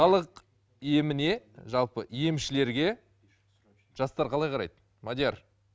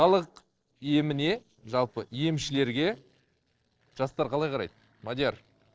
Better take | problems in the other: first | noise reduction (neural separator model SepFormer DNS4)

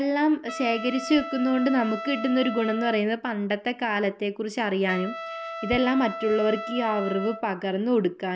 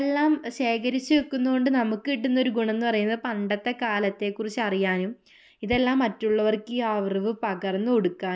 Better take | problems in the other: second | background sound (Trumpet); 11 dB below the speech

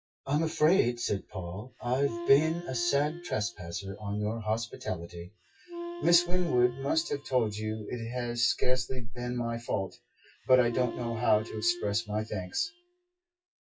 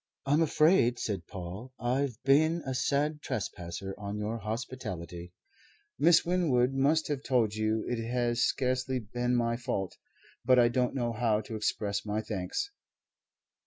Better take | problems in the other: second | noise reduction (classical method WPE with log-MMSE)

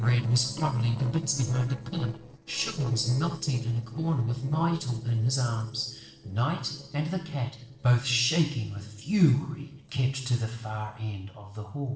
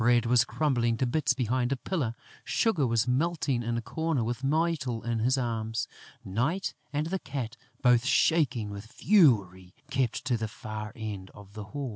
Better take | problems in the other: second | noise reduction (neural separator model SepFormer DNS4)

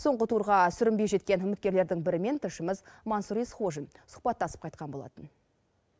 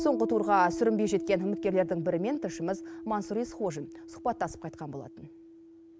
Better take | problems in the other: first | background sound (Piano); 8 dB below the speech

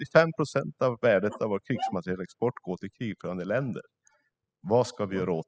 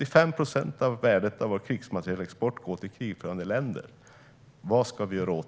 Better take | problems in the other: second | noise reduction (classical method spectral subtraction)

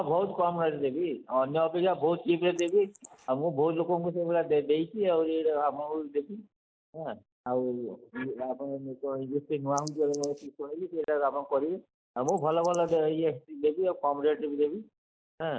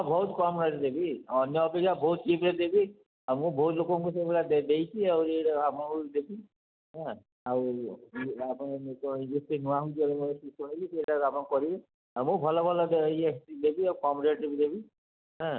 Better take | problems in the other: second | noise reduction (neural mask model Resemble Enhance denoiser)

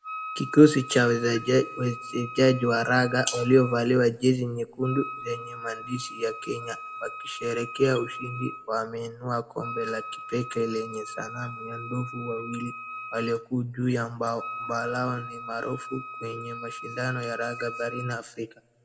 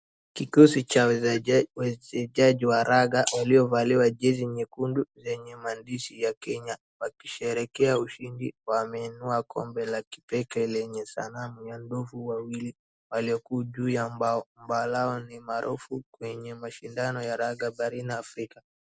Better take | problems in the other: second | background sound (Wind instrument, woodwind instrument); 12 dB below the speech // room echo; dies away in 0.8 s

